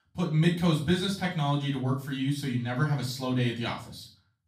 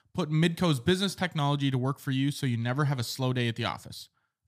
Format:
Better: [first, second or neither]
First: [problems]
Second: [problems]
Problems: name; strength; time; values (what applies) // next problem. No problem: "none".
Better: second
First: off-mic speech; far // room echo; slight; dies away in 0.3 s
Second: none